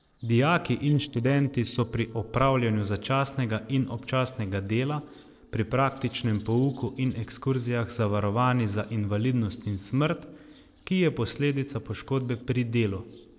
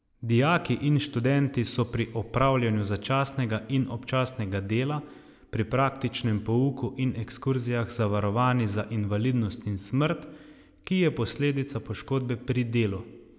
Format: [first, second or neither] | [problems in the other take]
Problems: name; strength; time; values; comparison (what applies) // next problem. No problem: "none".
second | noise reduction (neural separator model SepFormer DNS4)